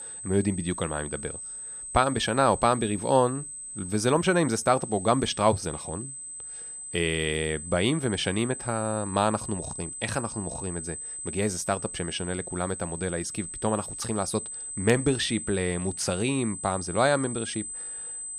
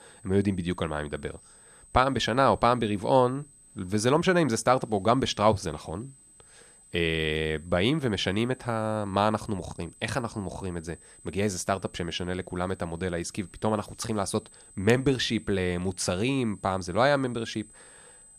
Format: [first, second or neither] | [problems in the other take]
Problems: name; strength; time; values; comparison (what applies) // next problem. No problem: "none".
second | high-pitched whine; loud; throughout; 8 kHz, 8 dB below the speech; faint in the second